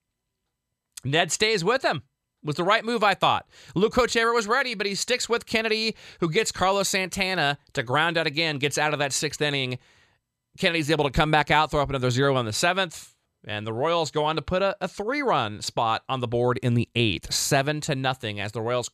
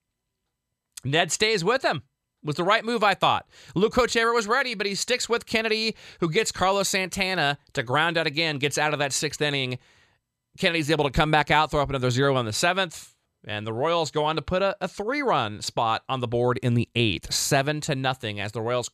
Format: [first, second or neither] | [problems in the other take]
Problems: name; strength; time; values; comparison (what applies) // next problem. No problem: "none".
neither | none